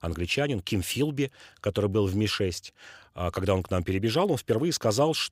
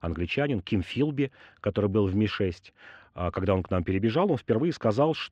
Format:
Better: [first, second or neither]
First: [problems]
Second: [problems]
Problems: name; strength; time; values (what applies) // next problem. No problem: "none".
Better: first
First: none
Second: muffled; slightly; fading above 2 kHz